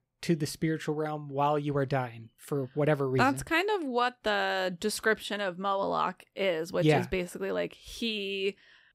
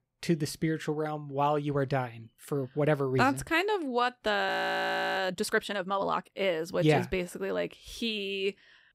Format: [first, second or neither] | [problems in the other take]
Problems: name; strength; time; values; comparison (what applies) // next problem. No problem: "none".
first | audio freezing; at 4.5 s for 0.5 s